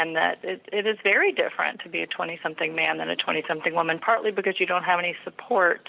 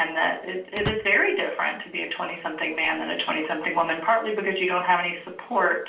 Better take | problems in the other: first | background sound (Slam / Wood); 12 dB below the speech // room echo; dies away in 0.3 s

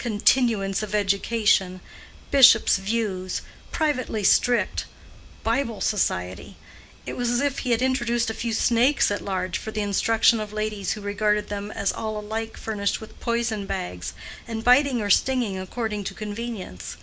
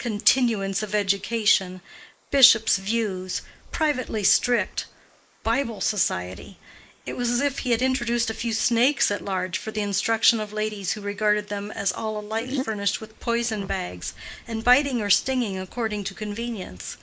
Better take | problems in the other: first | noise reduction (neural mask model Resemble Enhance denoiser)

